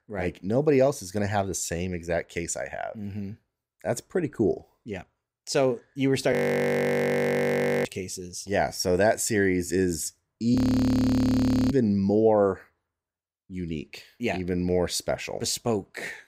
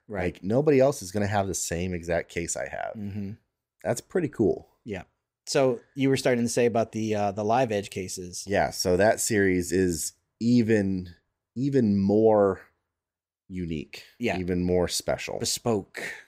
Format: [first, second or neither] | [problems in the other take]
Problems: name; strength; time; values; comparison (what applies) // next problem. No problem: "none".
second | audio freezing; at 6.5 s for 1.5 s and at 11 s for 1 s